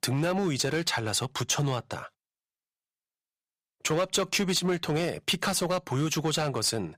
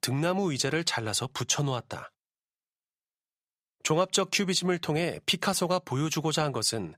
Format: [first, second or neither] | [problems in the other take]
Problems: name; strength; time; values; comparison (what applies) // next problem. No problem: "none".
second | distortion; slight; 5% of the sound clipped